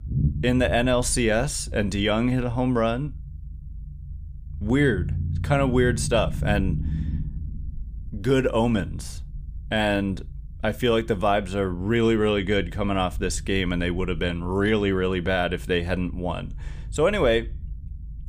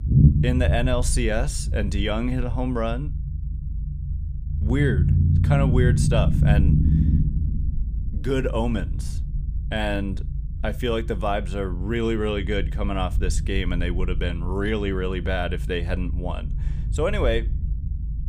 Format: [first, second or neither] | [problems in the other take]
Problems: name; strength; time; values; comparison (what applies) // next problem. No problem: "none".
first | low rumble; loud; throughout; 9 dB below the speech; faint in the first